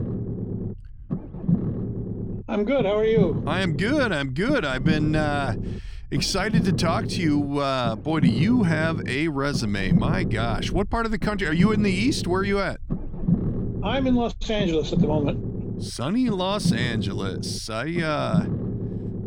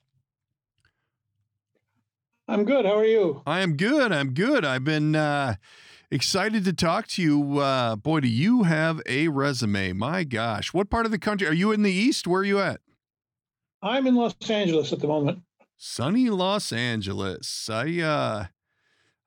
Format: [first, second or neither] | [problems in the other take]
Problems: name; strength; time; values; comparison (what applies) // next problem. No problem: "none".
second | low rumble; noticeable; throughout; 10 dB below the speech